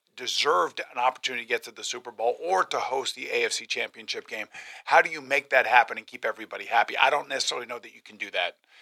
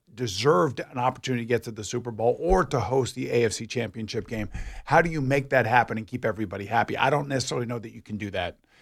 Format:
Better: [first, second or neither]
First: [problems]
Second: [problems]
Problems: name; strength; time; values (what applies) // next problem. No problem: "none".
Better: second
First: thin; very; fading below 700 Hz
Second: none